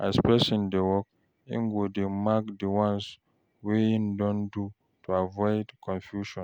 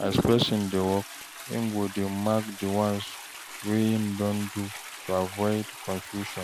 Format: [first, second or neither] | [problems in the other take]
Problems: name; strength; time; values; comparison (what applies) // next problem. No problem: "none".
first | background sound (Toilet flush); 13 dB below the speech